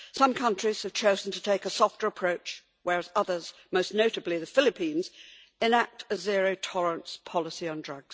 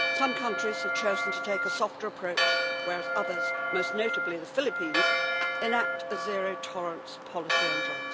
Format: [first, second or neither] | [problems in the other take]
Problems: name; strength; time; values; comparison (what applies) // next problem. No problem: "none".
first | background sound (Church bell + Organ); 3 dB above the speech